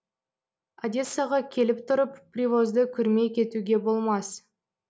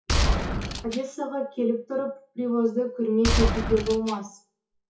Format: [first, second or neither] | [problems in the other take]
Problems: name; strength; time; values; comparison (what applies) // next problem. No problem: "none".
first | noise reduction (classical method WPE with log-MMSE)